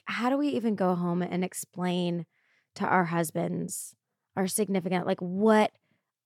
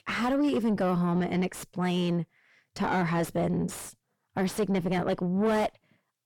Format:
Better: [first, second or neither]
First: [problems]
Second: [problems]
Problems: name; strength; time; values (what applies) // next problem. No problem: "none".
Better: first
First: none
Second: distortion; heavy; 5 dB below the speech